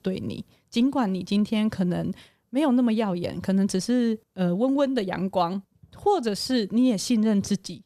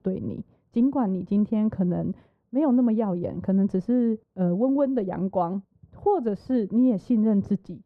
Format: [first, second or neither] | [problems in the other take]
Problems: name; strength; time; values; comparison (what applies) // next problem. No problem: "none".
first | muffled; very; fading above 2 kHz